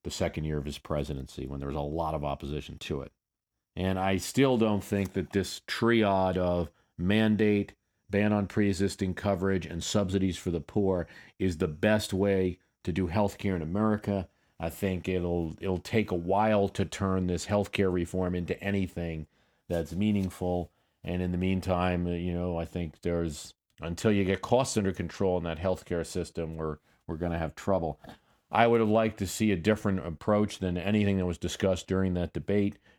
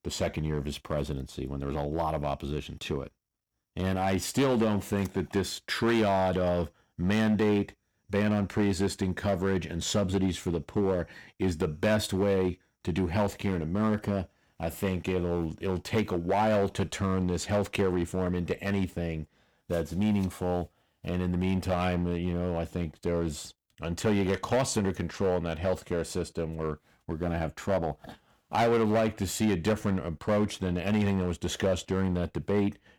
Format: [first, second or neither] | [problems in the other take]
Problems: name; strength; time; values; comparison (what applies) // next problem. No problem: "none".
first | distortion; slight; 6% of the sound clipped